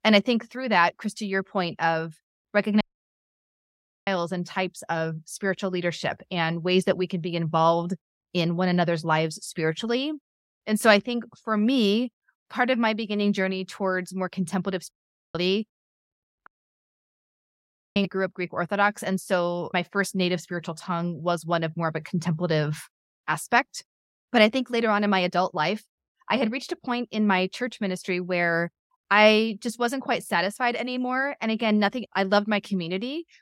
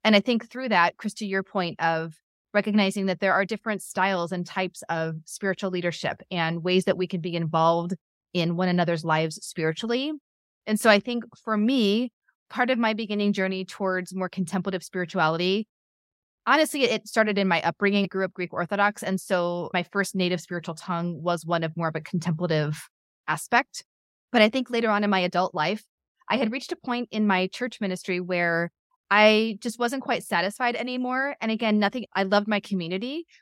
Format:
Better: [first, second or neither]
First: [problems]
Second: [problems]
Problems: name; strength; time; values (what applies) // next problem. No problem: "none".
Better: second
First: audio cutting out; at 3 s for 1.5 s, at 15 s and at 16 s for 1.5 s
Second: none